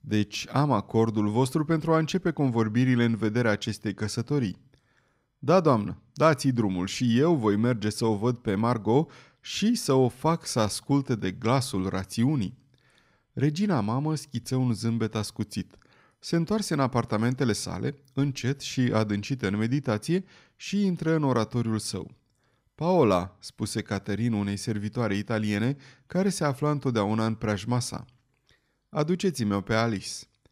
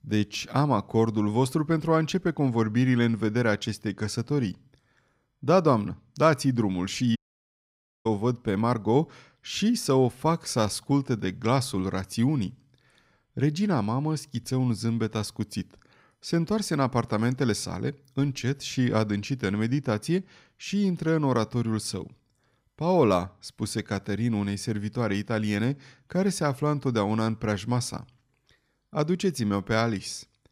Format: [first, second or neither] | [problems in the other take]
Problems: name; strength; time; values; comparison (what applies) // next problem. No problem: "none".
first | audio cutting out; at 7 s for 1 s